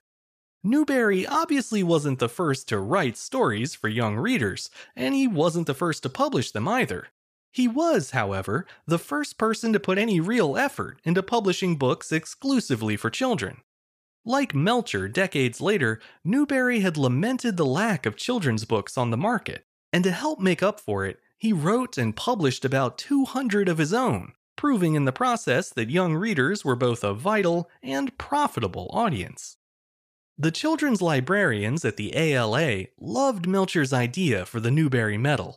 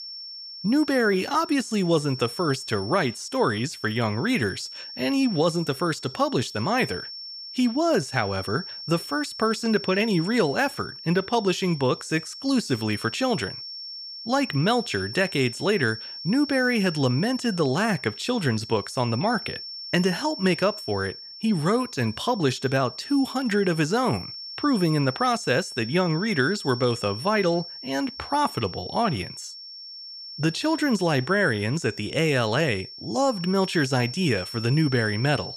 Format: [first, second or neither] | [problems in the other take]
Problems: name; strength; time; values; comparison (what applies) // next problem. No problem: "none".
first | high-pitched whine; noticeable; throughout; 5.5 kHz, 10 dB below the speech